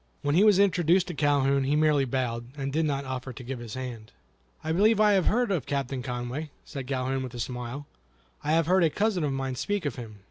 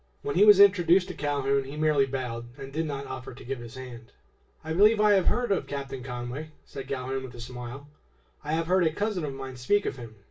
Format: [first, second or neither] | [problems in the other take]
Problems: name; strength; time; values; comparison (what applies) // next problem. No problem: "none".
first | room echo; dies away in 0.2 s